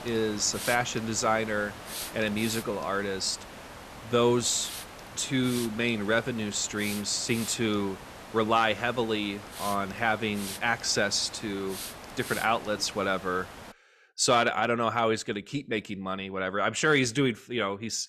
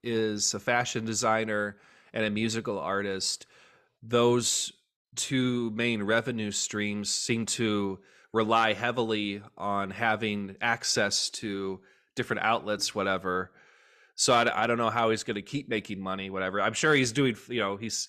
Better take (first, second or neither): second